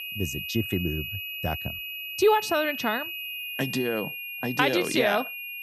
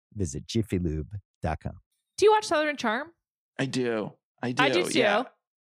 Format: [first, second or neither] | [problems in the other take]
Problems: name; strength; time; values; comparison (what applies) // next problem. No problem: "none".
second | high-pitched whine; loud; throughout; 2.5 kHz, 6 dB below the speech